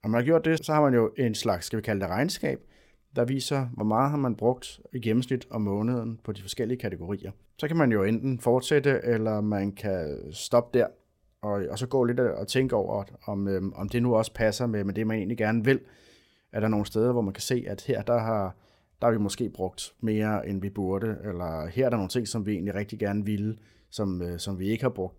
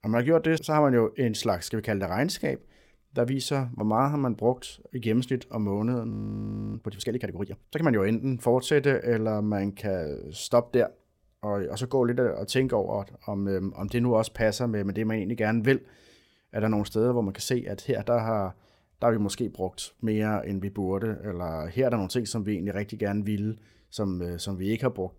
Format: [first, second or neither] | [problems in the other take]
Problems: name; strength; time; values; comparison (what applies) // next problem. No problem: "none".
first | audio freezing; at 6 s for 0.5 s